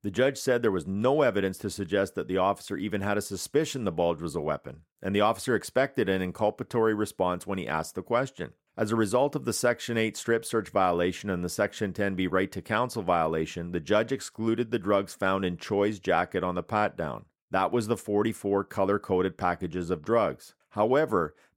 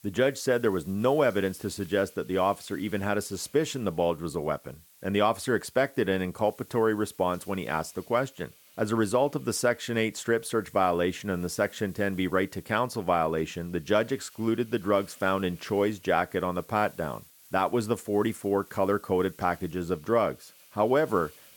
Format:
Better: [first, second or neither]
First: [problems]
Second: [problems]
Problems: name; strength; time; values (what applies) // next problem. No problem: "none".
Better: first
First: none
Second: hiss; faint; throughout; 25 dB below the speech